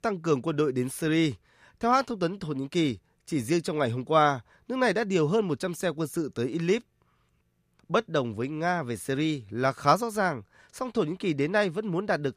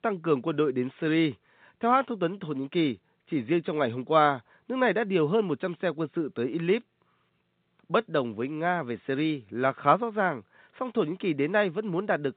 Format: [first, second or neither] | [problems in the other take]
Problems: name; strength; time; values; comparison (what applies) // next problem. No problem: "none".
first | phone-call audio; nothing above 4 kHz